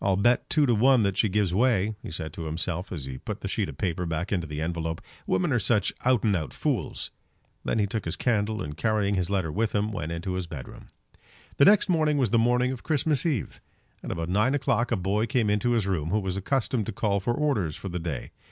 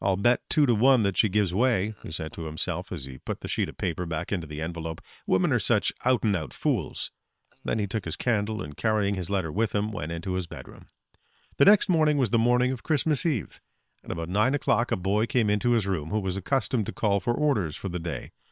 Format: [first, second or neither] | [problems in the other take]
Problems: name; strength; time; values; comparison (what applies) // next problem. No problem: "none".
first | noise reduction (neural separator model SepFormer WHAM!)